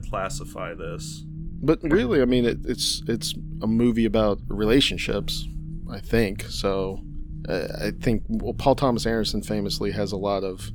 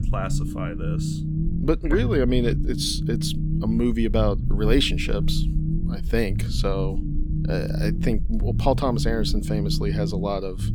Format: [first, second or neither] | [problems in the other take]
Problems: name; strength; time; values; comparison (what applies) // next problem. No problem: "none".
first | low rumble; loud; throughout; 10 dB below the speech; faint in the first